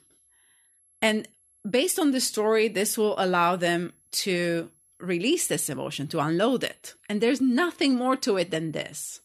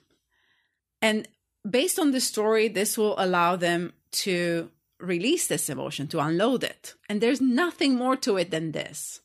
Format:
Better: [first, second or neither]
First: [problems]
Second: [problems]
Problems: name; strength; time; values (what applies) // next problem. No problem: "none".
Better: second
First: high-pitched whine; faint; throughout; 11 kHz, 35 dB below the speech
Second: none